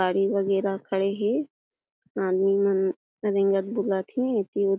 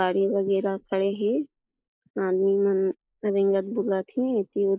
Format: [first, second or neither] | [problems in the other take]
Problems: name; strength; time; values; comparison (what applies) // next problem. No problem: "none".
first | noise reduction (neural mask model Resemble Enhance denoiser)